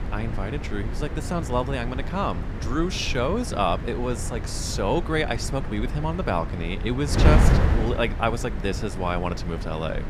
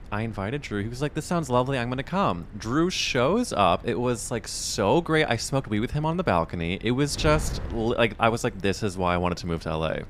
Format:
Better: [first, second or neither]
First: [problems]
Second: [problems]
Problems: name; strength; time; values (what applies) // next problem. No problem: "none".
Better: second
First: wind noise on the microphone; heavy; 7 dB below the speech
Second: wind noise on the microphone; occasional gusts; 25 dB below the speech